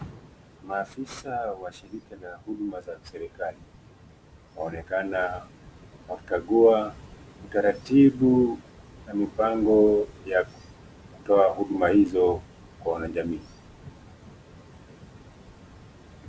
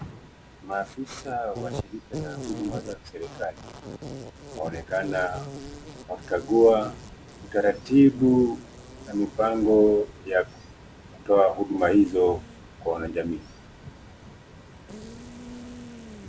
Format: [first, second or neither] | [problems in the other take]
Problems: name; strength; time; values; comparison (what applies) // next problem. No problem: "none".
first | background sound (Insect); 16 dB below the speech